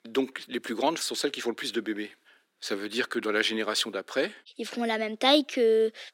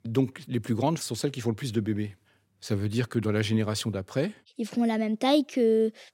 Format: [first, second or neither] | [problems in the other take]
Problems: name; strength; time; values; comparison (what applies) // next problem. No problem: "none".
second | thin; somewhat; fading below 300 Hz